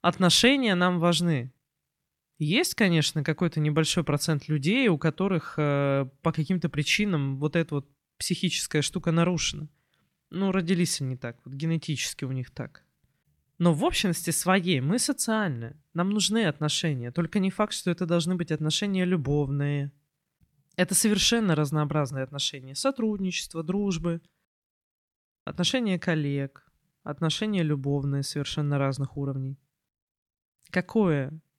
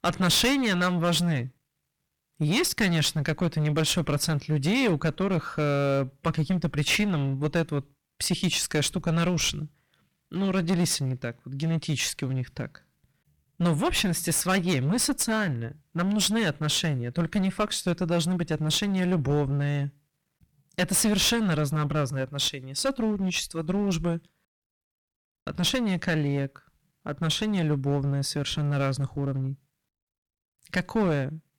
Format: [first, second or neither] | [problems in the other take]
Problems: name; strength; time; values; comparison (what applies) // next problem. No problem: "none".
first | distortion; heavy; 12% of the sound clipped